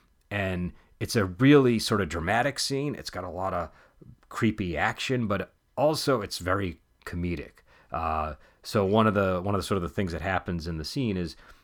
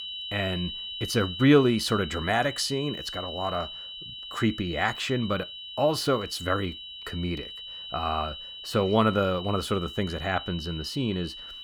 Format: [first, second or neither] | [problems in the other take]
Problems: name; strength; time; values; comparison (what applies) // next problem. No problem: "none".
first | high-pitched whine; loud; throughout; 3 kHz, 9 dB below the speech